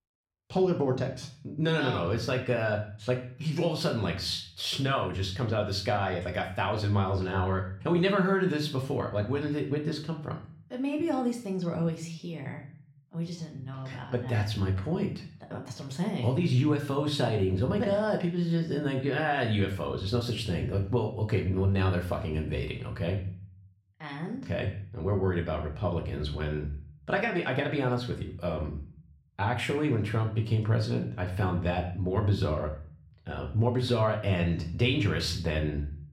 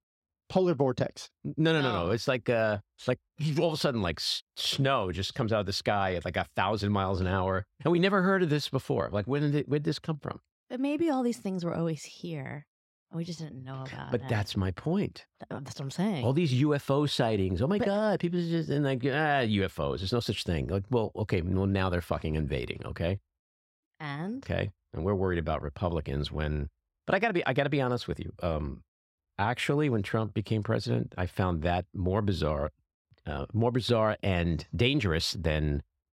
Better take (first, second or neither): second